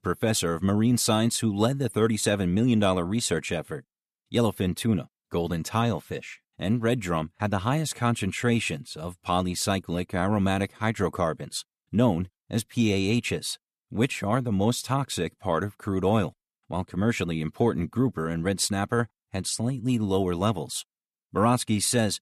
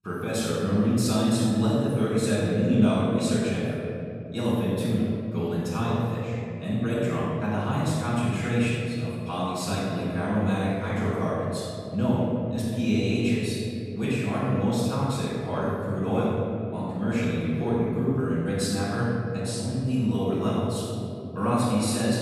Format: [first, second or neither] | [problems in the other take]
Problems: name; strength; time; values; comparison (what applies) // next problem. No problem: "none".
first | off-mic speech; far // room echo; strong; dies away in 3 s